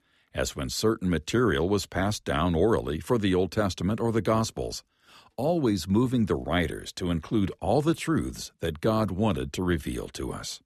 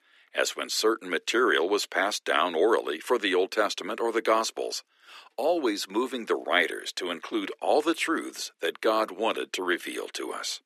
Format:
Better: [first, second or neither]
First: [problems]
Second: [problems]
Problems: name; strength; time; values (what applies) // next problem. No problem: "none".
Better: first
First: none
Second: thin; very; fading below 300 Hz